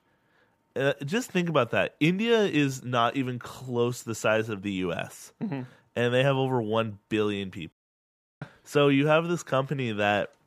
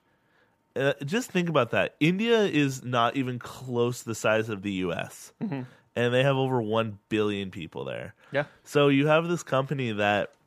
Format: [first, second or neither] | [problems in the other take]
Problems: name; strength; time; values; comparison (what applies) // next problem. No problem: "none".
second | audio cutting out; at 7.5 s for 0.5 s